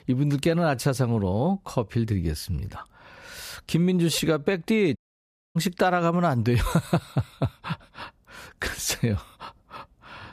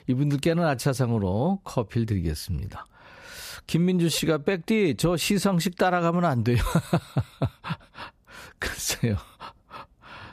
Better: second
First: audio cutting out; at 5 s for 0.5 s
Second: none

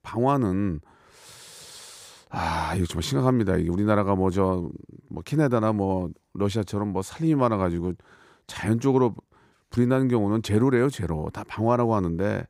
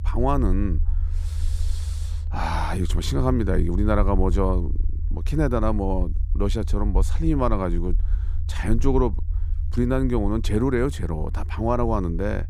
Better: first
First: none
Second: low rumble; faint; throughout; 20 dB below the speech

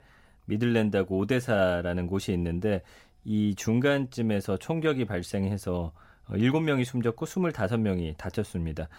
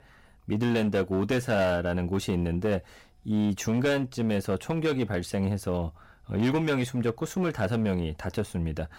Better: first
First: none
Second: distortion; slight; 10% of the sound clipped

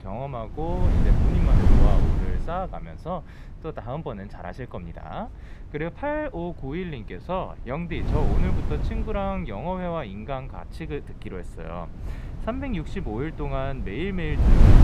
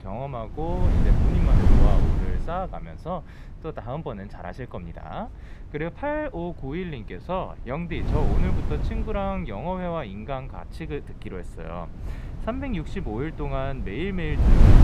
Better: neither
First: wind noise on the microphone; heavy; 3 dB below the speech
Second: wind noise on the microphone; heavy; 3 dB below the speech

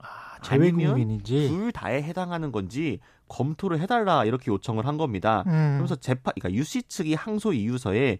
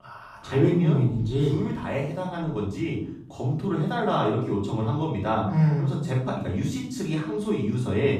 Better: first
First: none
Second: off-mic speech; far // room echo; noticeable; dies away in 0.6 s

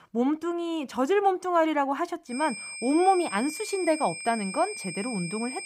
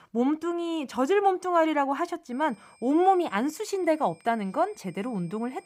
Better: second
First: high-pitched whine; loud; from 2.5 s on; 2.5 kHz, 9 dB below the speech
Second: high-pitched whine; faint; from 2.5 s on; 2.5 kHz, 30 dB below the speech

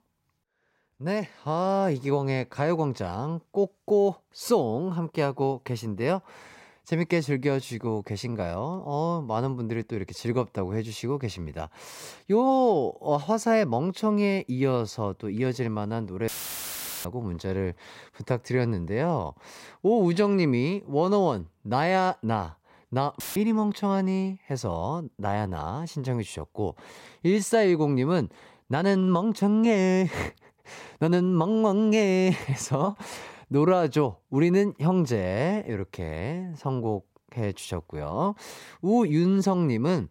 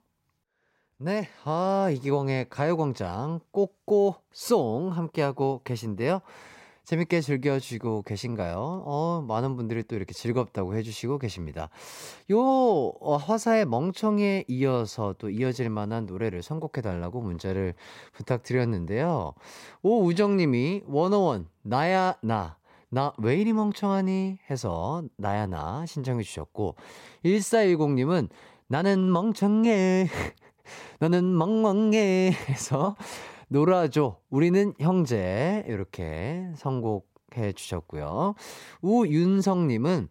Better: second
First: audio cutting out; filled with static; at 16 s for 1 s and at 23 s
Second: none

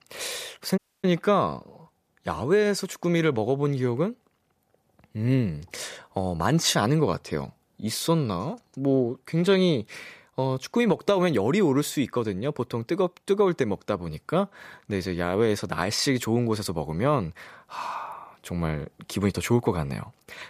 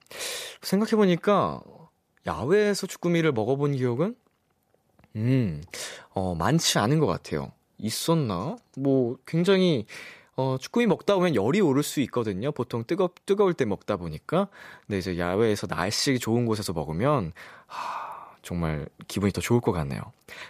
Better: second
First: audio cutting out; at 1 s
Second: none

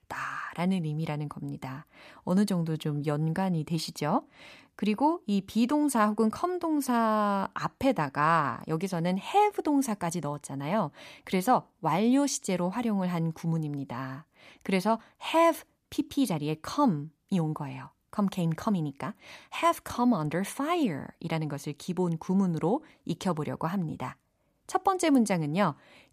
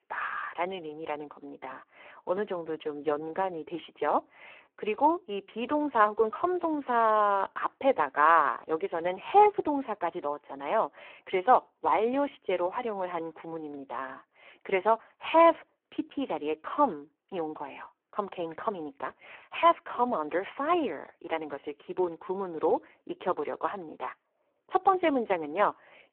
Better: first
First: none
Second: phone-call audio; poor line

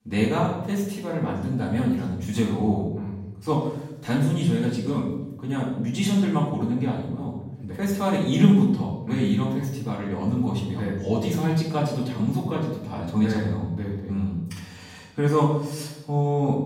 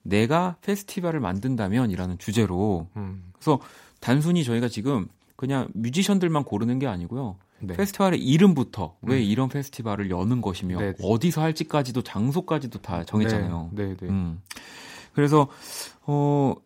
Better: second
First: off-mic speech; far // room echo; noticeable; dies away in 0.9 s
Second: none

